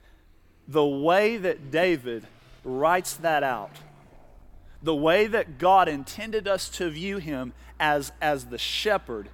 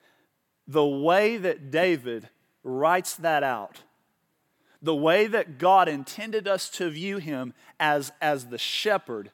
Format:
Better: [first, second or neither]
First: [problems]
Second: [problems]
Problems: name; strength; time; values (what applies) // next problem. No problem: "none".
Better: second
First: traffic noise; faint; throughout; 30 dB below the speech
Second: none